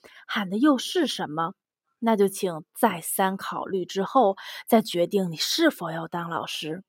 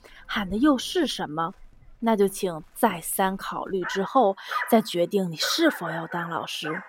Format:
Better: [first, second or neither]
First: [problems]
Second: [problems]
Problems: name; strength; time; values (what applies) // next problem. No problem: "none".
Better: first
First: none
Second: animal sounds; loud; throughout; 9 dB below the speech